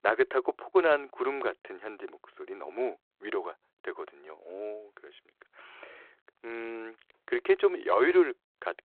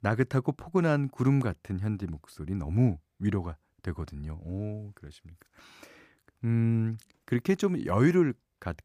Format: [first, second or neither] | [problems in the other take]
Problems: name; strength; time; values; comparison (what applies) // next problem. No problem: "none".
second | phone-call audio; nothing above 4 kHz